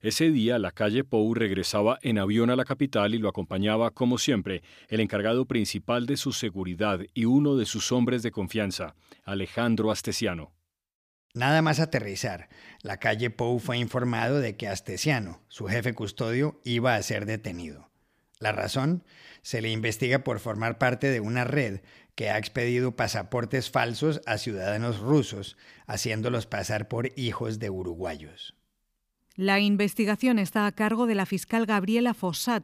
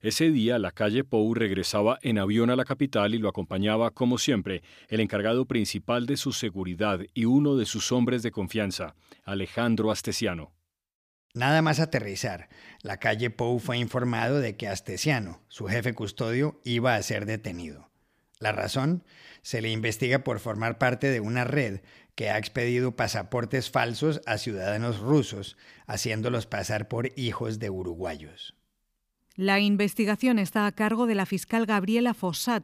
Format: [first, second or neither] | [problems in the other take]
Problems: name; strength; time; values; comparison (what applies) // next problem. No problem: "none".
neither | none